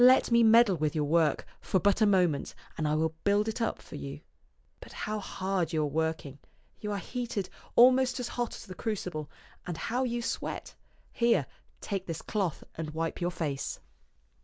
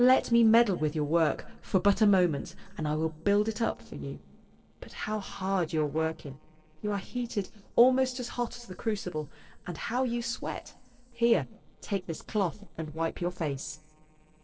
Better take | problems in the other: first | noise reduction (neural separator model SepFormer DNS4)

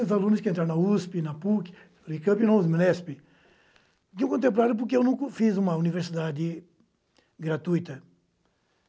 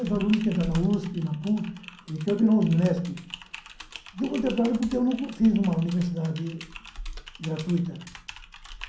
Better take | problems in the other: first | background sound (Typing); 15 dB below the speech // room echo; dies away in 0.6 s

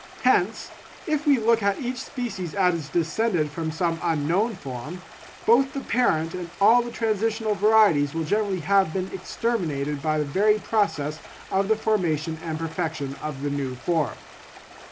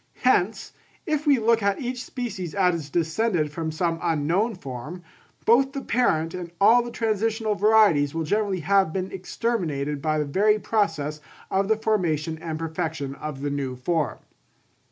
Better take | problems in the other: second | background sound (Stream); 20 dB below the speech

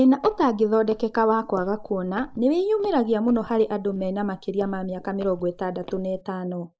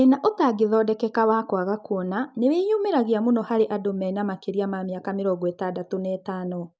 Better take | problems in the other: second | noise reduction (neural mask model Resemble Enhance denoiser)

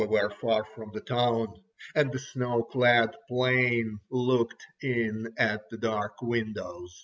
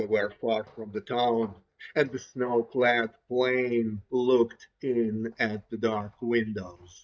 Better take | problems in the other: first | noise reduction (neural mask model DeepFilterNet 3)

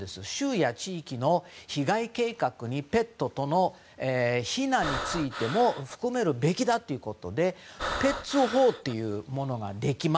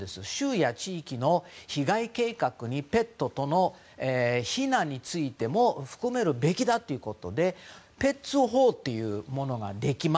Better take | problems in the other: second | background sound (Breathing); 7 dB below the speech

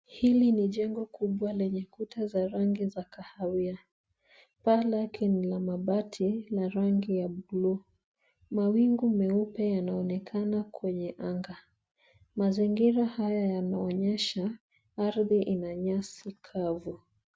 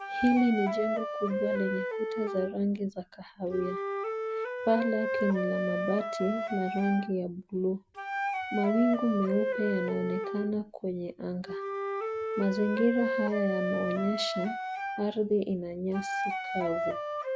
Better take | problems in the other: first | background sound (Wind instrument, woodwind instrument); 3 dB below the speech

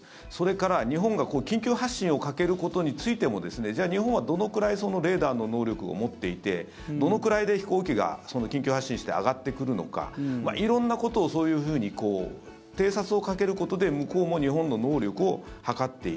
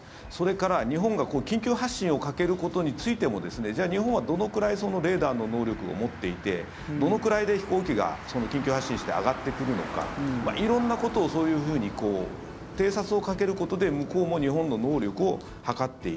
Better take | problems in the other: first | background sound (Motor vehicle (road)); 14 dB below the speech

